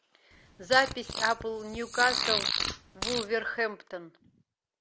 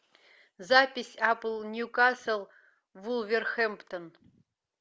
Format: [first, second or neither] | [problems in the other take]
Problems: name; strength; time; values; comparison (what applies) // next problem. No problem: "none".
second | background sound (Fart); 3 dB below the speech